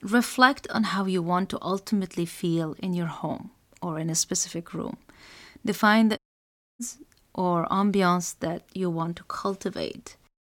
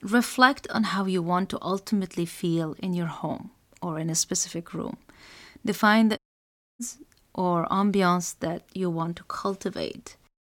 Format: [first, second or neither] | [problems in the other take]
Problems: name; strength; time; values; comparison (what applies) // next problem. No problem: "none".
neither | audio cutting out; at 6 s for 0.5 s; the same in both